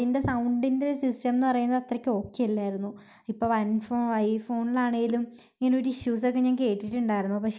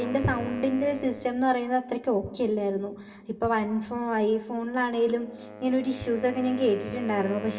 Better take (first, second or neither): first